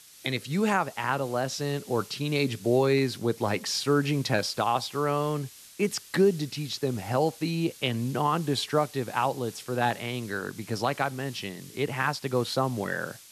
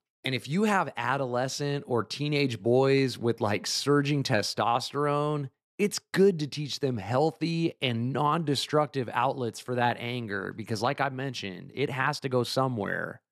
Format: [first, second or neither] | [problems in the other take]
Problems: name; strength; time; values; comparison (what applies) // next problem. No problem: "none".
second | hiss; noticeable; throughout; 20 dB below the speech